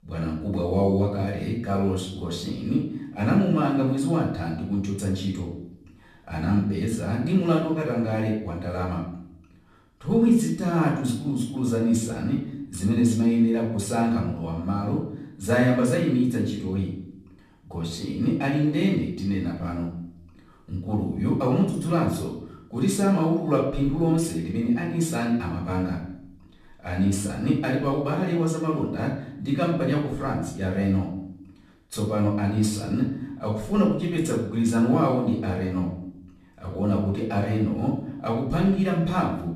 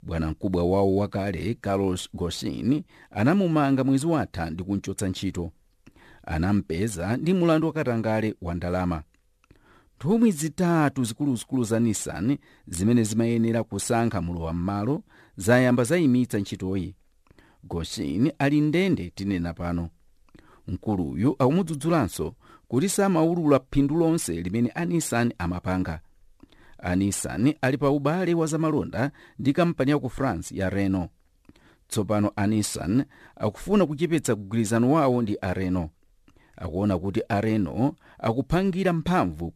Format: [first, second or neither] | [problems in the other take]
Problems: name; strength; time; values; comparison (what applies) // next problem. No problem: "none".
second | off-mic speech; far // room echo; noticeable; dies away in 0.6 s